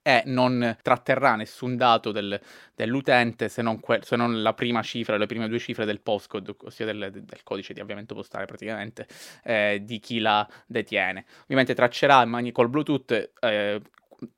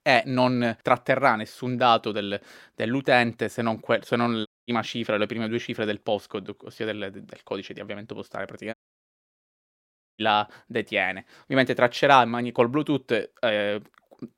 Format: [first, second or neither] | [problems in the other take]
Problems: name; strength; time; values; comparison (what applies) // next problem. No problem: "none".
first | audio cutting out; at 4.5 s and at 8.5 s for 1.5 s